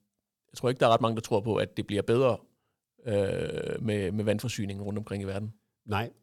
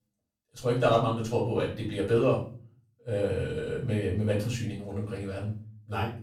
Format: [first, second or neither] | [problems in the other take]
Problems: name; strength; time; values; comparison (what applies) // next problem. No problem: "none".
first | off-mic speech; far // room echo; noticeable; dies away in 0.4 s